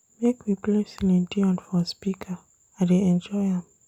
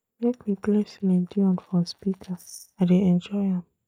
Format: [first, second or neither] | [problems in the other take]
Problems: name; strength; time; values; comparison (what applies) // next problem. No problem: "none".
first | noise reduction (neural mask model DeepFilterNet 3)